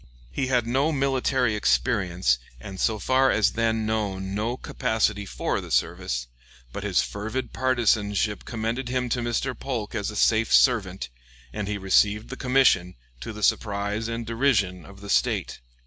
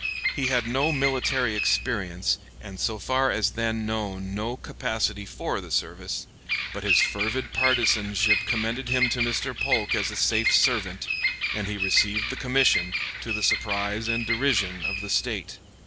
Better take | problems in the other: first | background sound (Bird vocalization, bird call, bird song); 2 dB below the speech

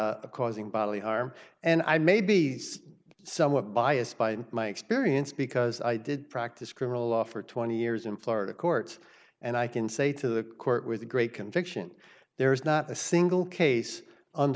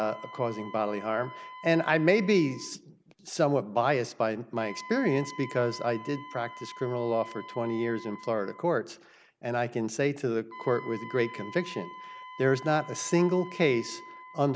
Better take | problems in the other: first | background sound (Wind instrument, woodwind instrument); 17 dB below the speech

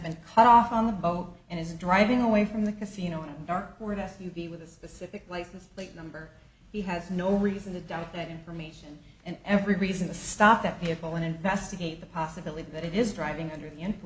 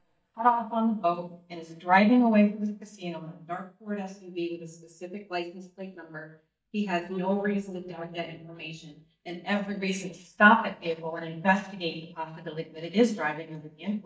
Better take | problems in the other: first | noise reduction (neural mask model DeepFilterNet 3)

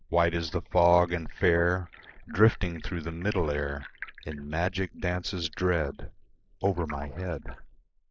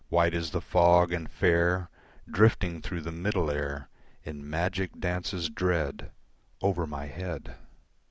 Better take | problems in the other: second | noise reduction (neural mask model Resemble Enhance denoiser)

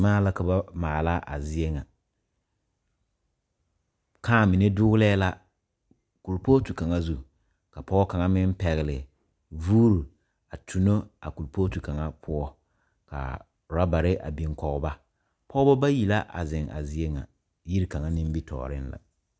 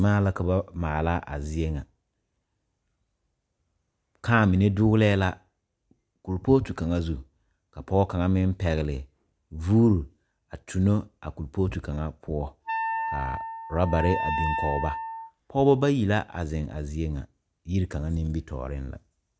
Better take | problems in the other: first | background sound (Wind instrument, woodwind instrument); 4 dB below the speech

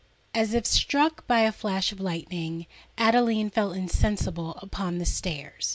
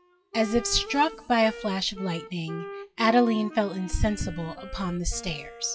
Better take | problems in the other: first | noise reduction (classical method WPE with log-MMSE)

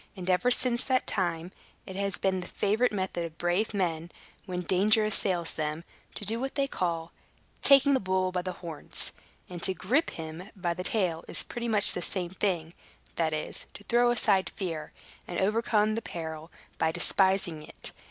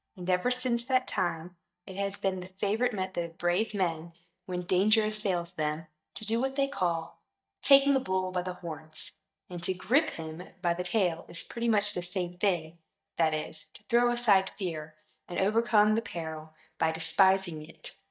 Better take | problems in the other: first | noise reduction (neural mask model DeepFilterNet 3)

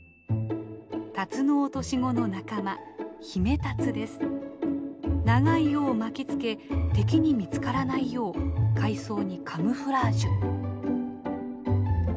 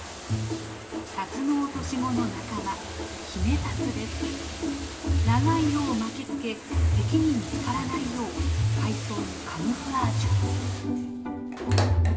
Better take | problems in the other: first | background sound (Bathtub (filling or washing)); 11 dB below the speech // room echo; dies away in 1.8 s

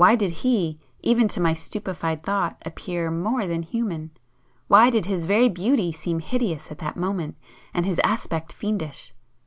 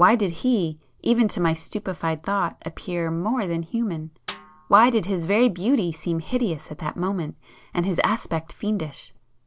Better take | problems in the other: first | noise reduction (neural separator model SepFormer DNS4)

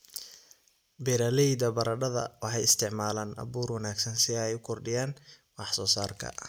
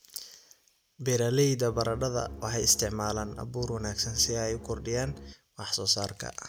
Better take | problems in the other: first | background sound (Bowed string instrument); 12 dB below the speech

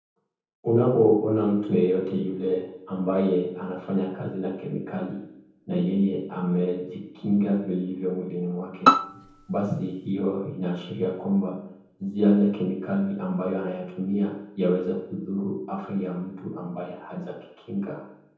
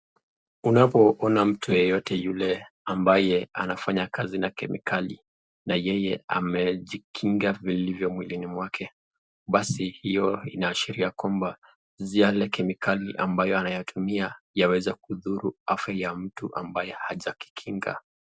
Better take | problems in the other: second | background sound (Bowed string instrument); 2 dB above the speech // room echo; dies away in 0.9 s

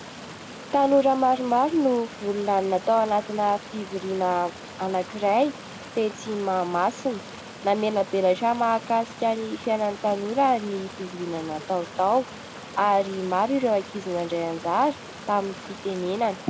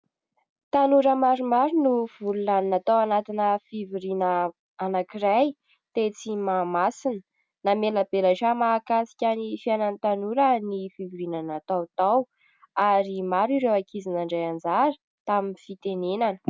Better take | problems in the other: second | background sound (Stream); 15 dB below the speech

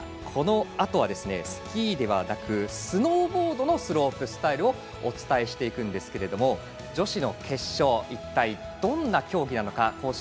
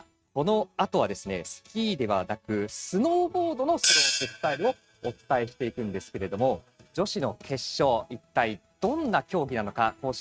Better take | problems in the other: first | noise reduction (neural mask model RNNoise)

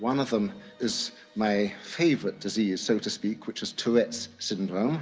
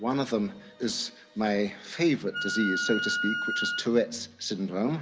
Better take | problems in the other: first | background sound (Wind instrument, woodwind instrument); 3 dB below the speech

